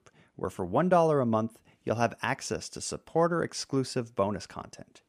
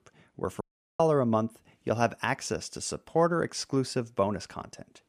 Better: first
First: none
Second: audio cutting out; at 0.5 s

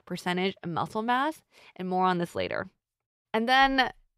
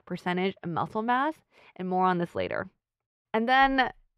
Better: first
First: none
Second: muffled; slightly; fading above 3.5 kHz

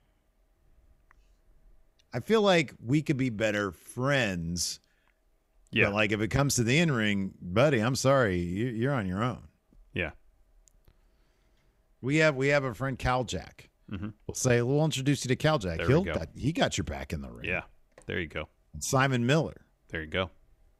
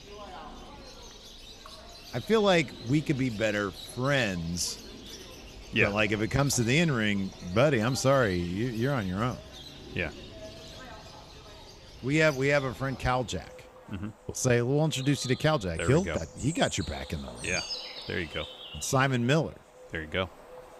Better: first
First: none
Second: animal sounds; noticeable; throughout; 15 dB below the speech

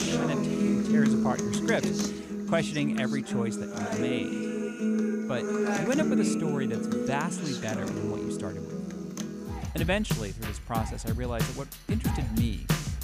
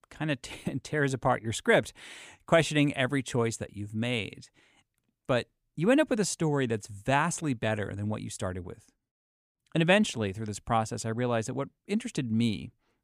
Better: second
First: background music; very loud; throughout; 3 dB above the speech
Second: none

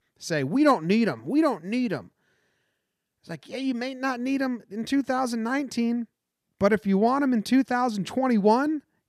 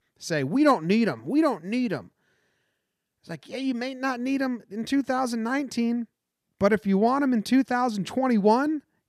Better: neither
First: none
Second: none

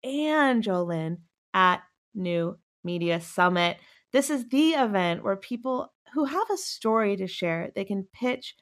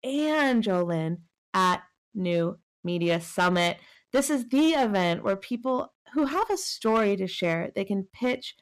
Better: first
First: none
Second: distortion; slight; 5% of the sound clipped

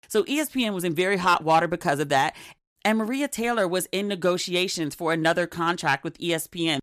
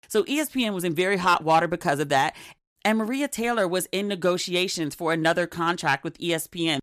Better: neither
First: none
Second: none

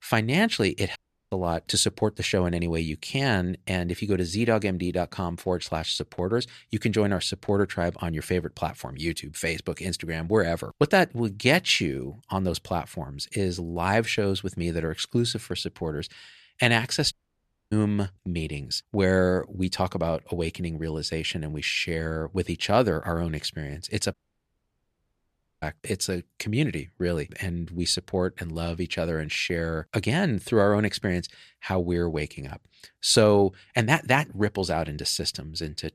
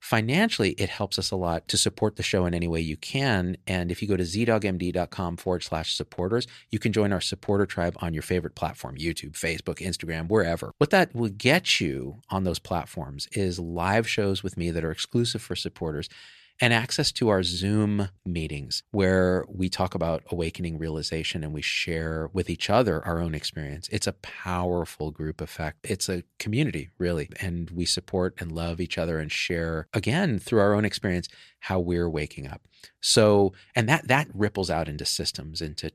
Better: second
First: audio cutting out; at 1 s, at 17 s for 0.5 s and at 24 s for 1.5 s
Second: none

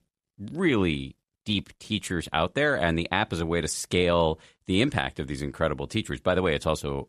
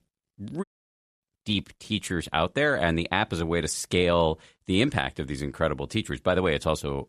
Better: first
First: none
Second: audio cutting out; at 0.5 s for 0.5 s

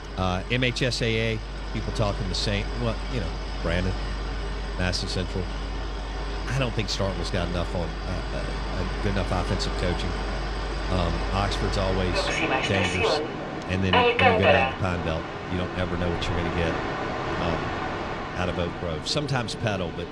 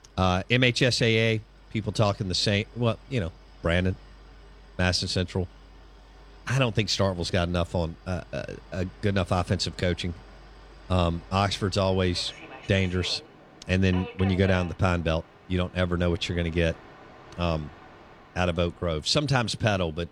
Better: second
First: train or aircraft noise; loud; throughout; as loud as the speech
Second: train or aircraft noise; faint; throughout; 20 dB below the speech

